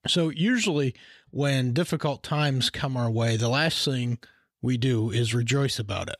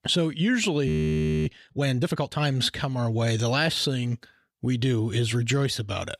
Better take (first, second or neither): first